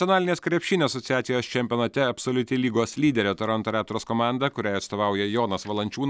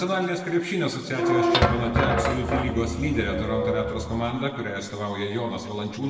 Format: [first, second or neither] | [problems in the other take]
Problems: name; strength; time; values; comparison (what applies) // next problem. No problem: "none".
first | background sound (Squeak / Thump, thud); 2 dB above the speech // room echo; dies away in 1.2 s